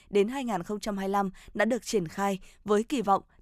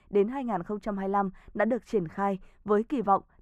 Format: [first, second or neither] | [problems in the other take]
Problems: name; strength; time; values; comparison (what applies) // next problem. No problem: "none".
first | muffled; very; fading above 2.5 kHz